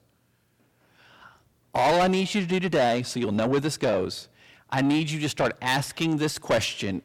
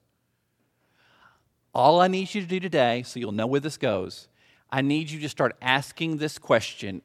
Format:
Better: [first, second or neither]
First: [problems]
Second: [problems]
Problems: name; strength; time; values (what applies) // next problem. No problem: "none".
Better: second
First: distortion; heavy; 6 dB below the speech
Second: none